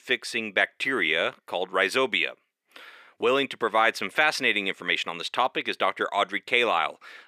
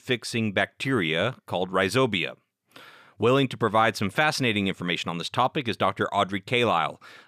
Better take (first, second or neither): second